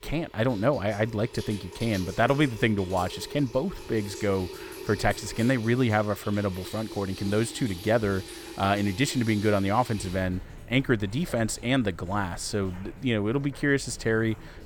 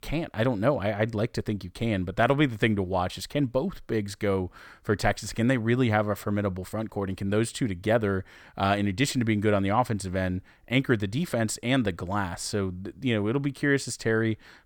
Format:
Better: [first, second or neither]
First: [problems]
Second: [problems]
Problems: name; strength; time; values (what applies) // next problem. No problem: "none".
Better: second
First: household noises; noticeable; throughout; 15 dB below the speech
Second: none